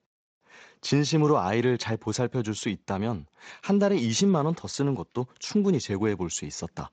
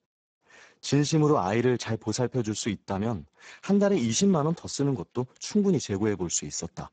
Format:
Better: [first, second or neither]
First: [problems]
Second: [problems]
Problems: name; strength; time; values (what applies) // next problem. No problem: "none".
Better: first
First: garbled, watery; slightly; nothing above 7.5 kHz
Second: garbled, watery; badly; nothing above 7.5 kHz